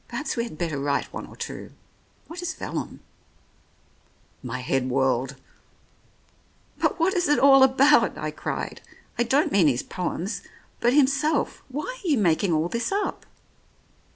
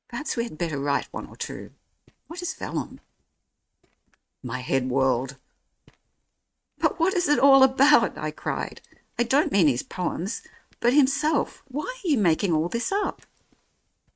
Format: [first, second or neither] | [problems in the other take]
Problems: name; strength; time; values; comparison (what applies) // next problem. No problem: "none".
first | noise reduction (neural mask model RNNoise)